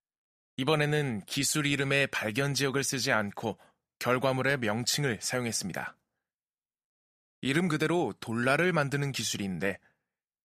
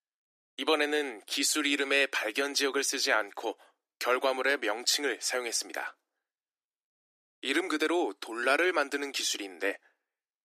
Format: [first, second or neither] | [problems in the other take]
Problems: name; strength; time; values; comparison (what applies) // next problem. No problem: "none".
first | thin; somewhat; fading below 300 Hz